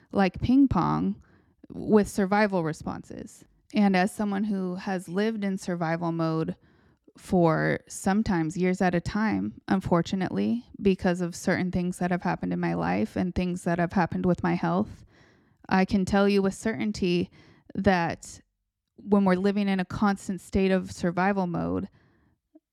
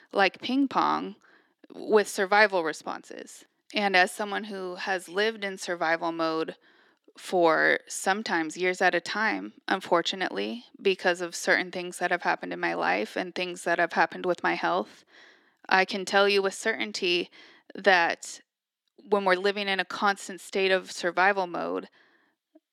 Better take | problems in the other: first | thin; very; fading below 350 Hz

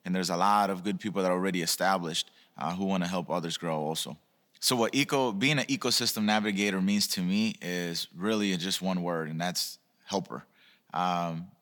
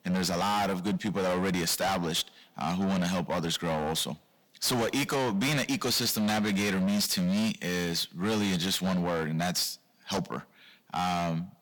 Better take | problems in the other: first | distortion; heavy; 23% of the sound clipped

